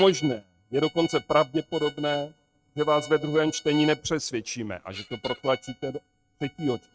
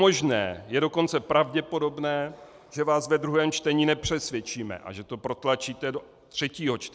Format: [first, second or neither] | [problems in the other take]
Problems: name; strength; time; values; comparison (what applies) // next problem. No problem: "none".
second | noise reduction (neural mask model RNNoise)